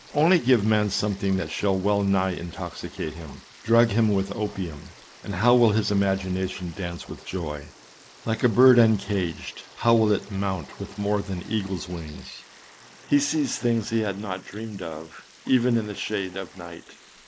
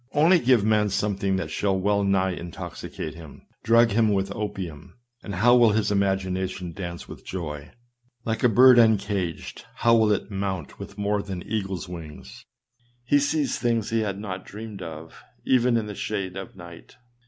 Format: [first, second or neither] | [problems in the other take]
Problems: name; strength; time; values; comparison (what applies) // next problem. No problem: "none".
second | noise reduction (neural mask model Resemble Enhance denoiser)